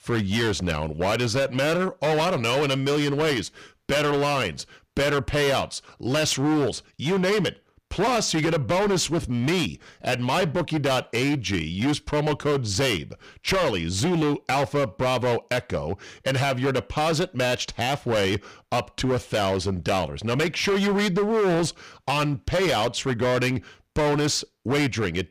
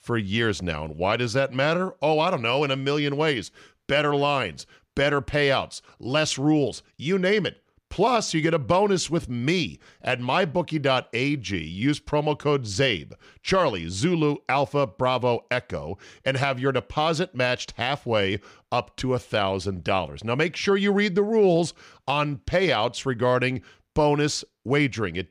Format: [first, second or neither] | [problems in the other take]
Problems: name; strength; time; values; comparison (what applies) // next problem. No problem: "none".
second | distortion; heavy; 20% of the sound clipped